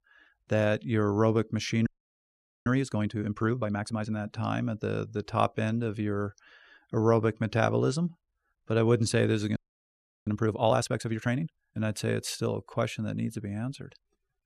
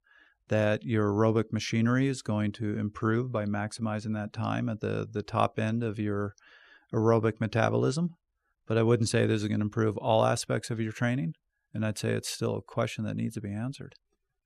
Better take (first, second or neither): second